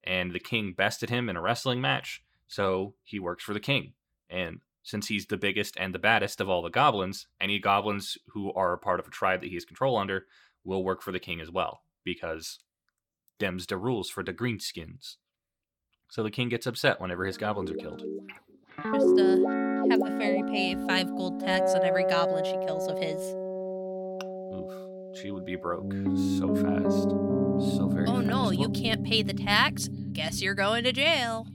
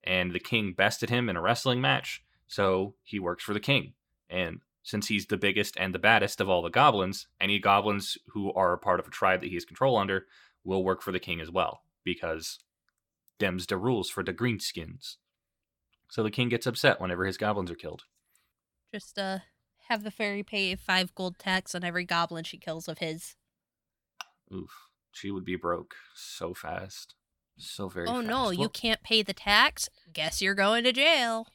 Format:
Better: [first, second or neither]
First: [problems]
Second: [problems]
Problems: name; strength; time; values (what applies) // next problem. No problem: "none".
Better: second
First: background music; very loud; from 18 s on; 1 dB above the speech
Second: none